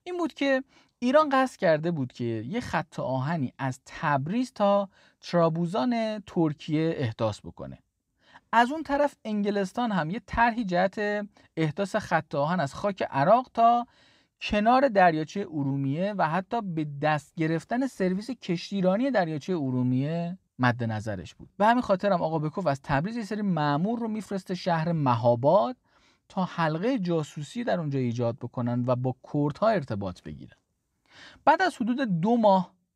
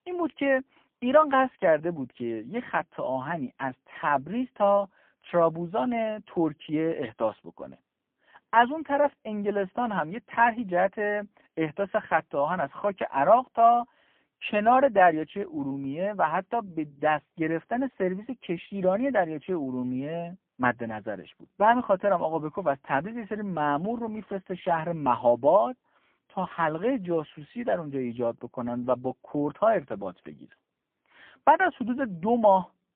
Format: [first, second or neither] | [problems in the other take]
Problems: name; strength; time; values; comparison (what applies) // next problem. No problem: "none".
first | phone-call audio; poor line